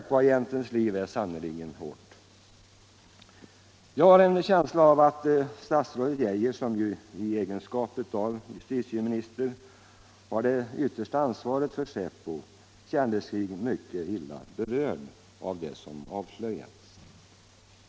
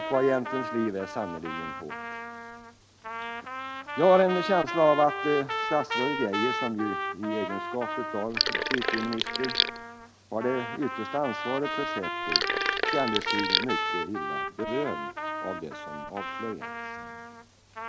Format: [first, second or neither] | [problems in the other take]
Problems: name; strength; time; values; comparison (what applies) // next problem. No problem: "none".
first | background sound (Sink (filling or washing) + Trumpet); 2 dB below the speech